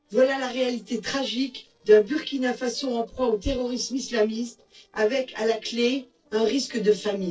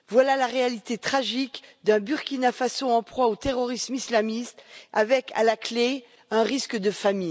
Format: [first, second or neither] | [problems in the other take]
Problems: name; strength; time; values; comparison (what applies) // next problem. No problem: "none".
second | noise reduction (neural separator model SepFormer DNS4)